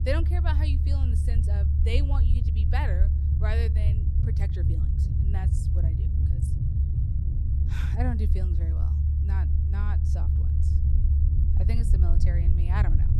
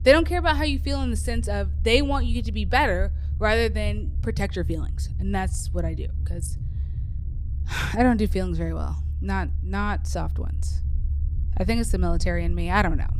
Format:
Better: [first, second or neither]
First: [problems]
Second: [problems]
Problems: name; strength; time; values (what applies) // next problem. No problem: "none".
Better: second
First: low rumble; loud; throughout; 2 dB below the speech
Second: low rumble; faint; throughout; 20 dB below the speech